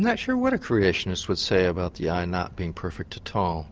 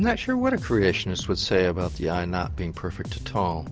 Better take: first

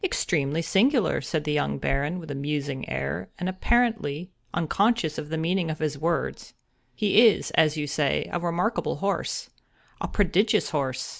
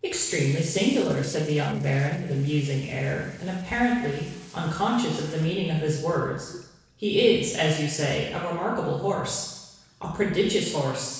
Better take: first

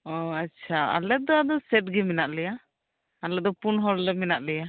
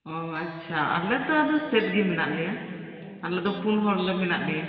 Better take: first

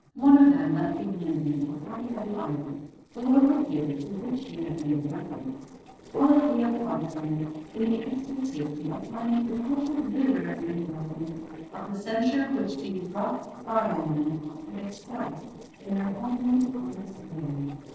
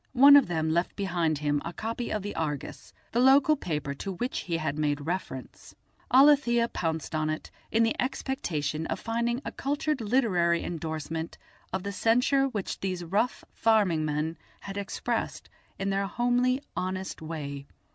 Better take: second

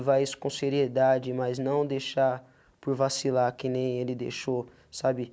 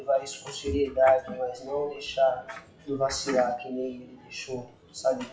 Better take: first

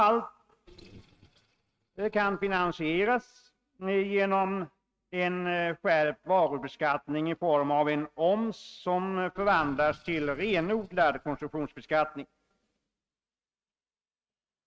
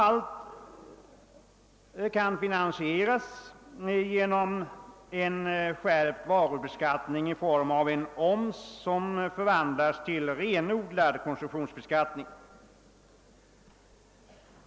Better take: second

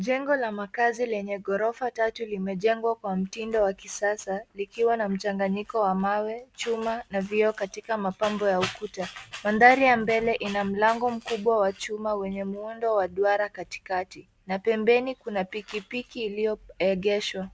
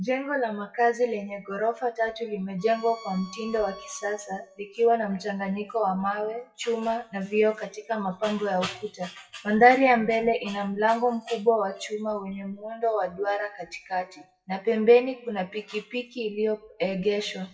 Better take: first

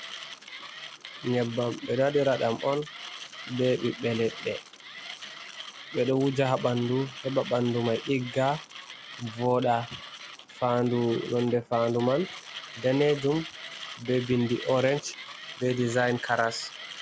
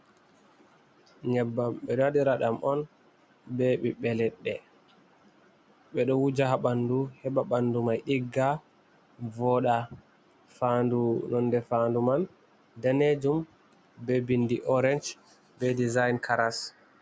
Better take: second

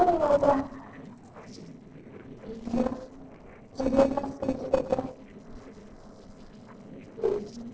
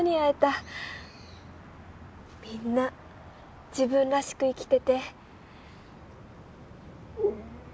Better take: second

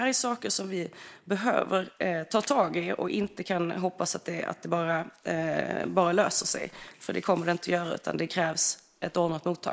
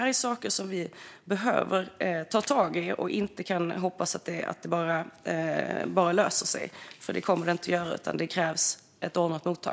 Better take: second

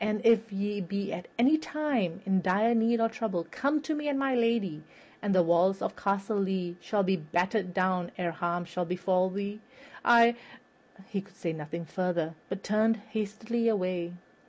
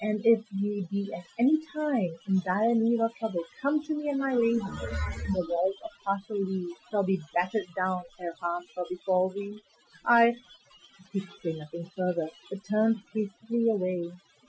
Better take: first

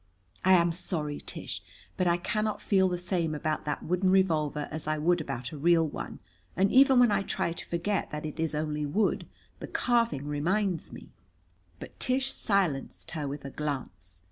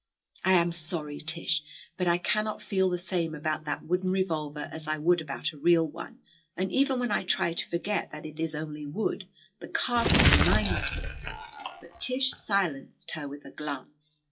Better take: first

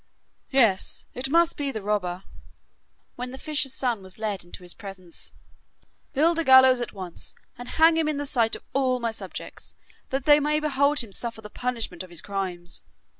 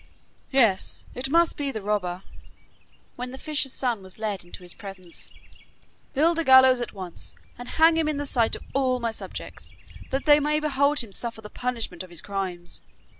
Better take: first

